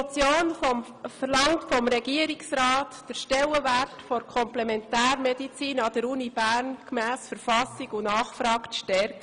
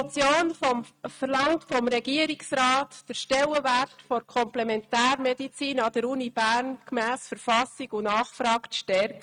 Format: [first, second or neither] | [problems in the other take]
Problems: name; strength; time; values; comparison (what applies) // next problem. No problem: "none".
first | noise reduction (neural mask model RNNoise)